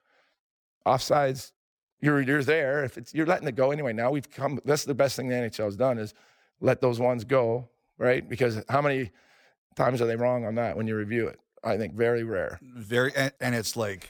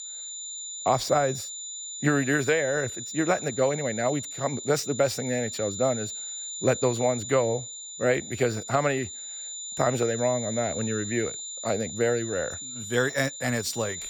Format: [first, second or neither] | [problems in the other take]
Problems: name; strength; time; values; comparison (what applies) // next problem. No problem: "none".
first | high-pitched whine; loud; throughout; 7 kHz, 7 dB below the speech